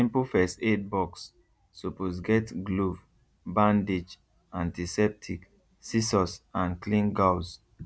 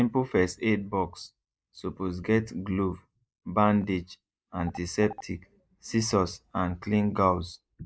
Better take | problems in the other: first | noise reduction (neural mask model Resemble Enhance denoiser)

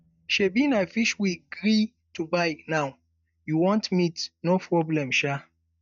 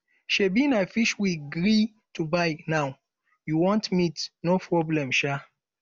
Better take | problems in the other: second | noise reduction (neural mask model DeepFilterNet 3)

